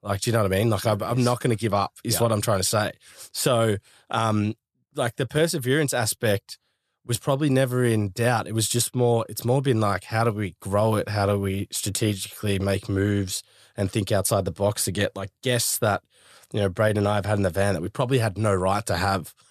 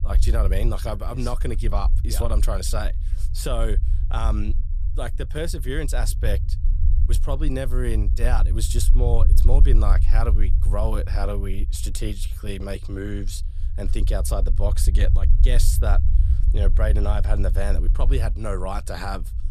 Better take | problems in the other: first | low rumble; noticeable; throughout; 15 dB below the speech

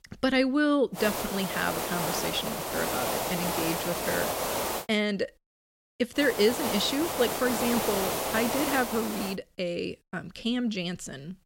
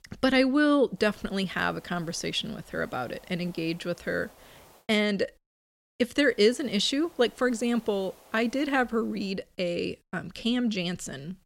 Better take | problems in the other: second | hiss; loud; from 1 to 5 s and from 6 to 9.5 s; 1 dB below the speech; faint in the second

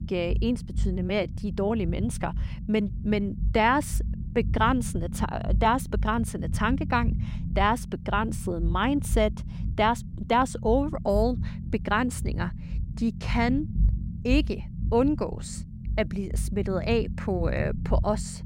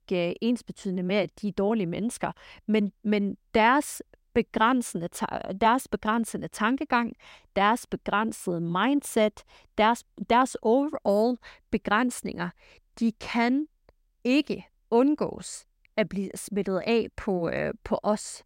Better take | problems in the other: second | low rumble; noticeable; throughout; 20 dB below the speech

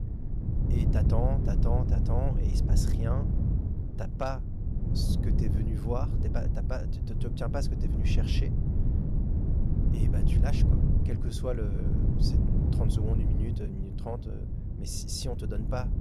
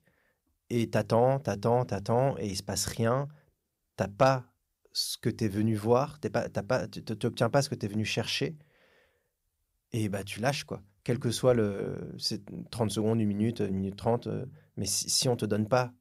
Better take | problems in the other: second | wind noise on the microphone; heavy; 2 dB below the speech

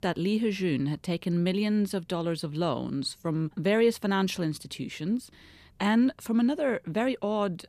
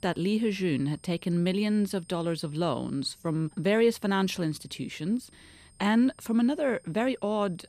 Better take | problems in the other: first | high-pitched whine; faint; throughout; 8.5 kHz, 30 dB below the speech

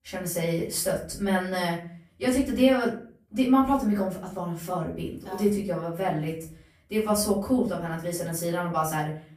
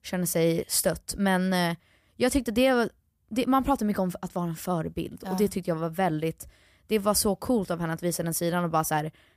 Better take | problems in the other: second | off-mic speech; far // room echo; slight; dies away in 0.4 s

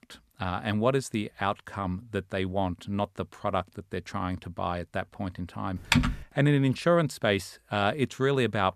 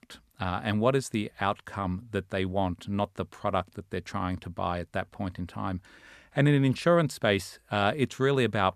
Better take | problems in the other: second | keyboard typing; loud; at 6 s; peak 4 dB above the speech

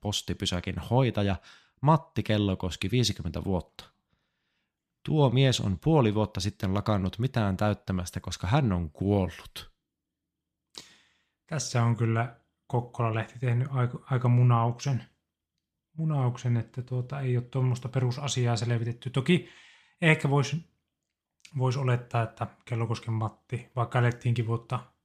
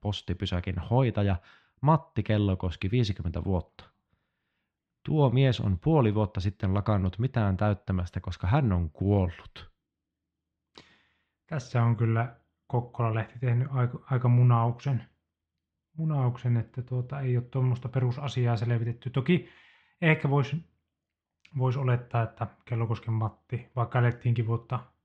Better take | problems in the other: first | muffled; slightly; fading above 2.5 kHz

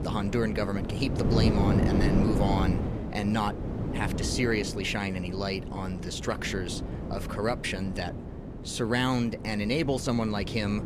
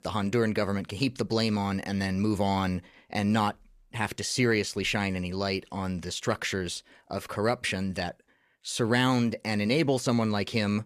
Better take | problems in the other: second | wind noise on the microphone; heavy; 6 dB below the speech

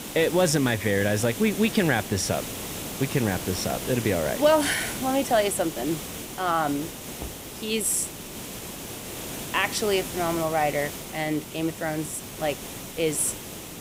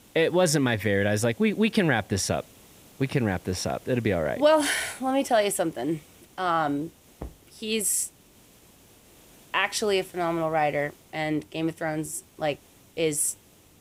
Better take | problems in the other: second | hiss; loud; throughout; 9 dB below the speech; faint in the second

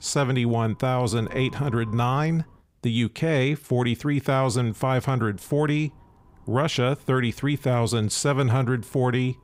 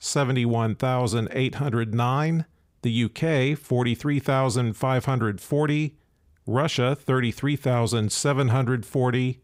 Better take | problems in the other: second | wind noise on the microphone; occasional gusts; until 2.5 s and from 4.5 s on; 25 dB below the speech

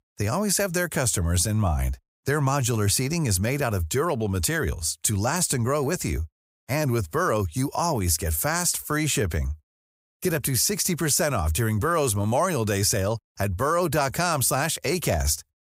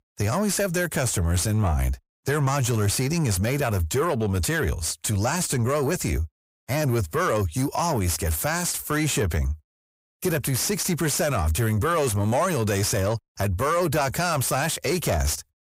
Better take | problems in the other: first | distortion; slight; 10 dB below the speech

